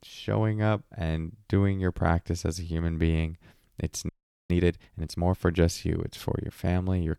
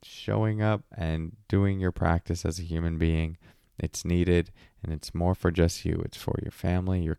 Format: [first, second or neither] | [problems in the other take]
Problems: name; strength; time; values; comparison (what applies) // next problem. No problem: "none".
second | audio freezing; at 4 s